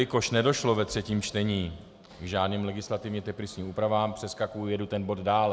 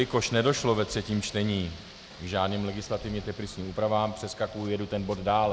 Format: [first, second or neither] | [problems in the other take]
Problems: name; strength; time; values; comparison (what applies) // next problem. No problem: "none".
first | background sound (Rain); 18 dB below the speech